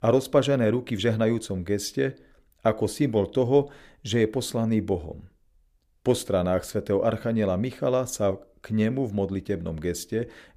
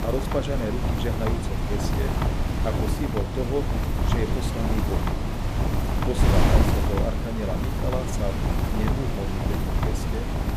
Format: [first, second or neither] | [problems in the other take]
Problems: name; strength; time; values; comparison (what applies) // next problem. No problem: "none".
first | wind noise on the microphone; heavy; 2 dB above the speech